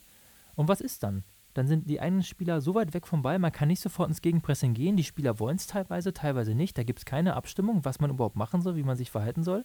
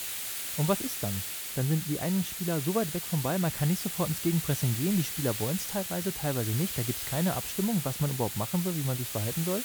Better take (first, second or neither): first